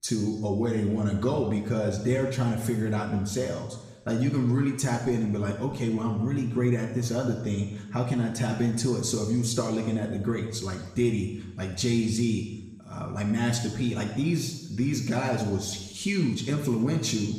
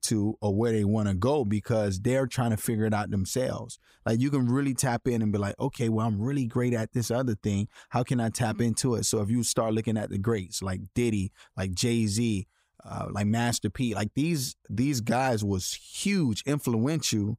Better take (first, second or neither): second